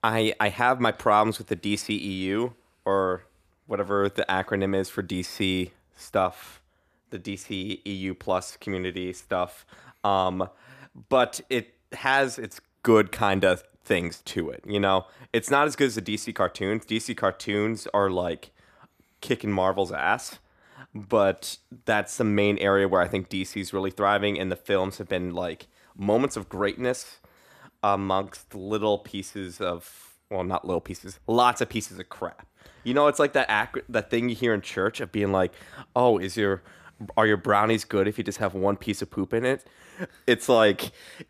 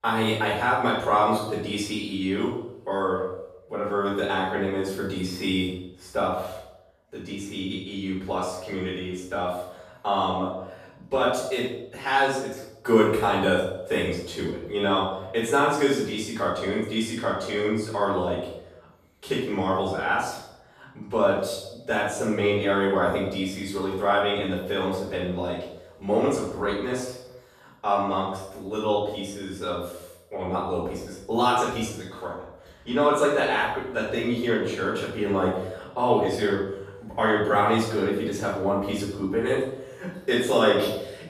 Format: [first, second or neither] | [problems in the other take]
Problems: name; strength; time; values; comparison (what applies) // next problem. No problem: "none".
first | off-mic speech; far // room echo; noticeable; dies away in 0.7 s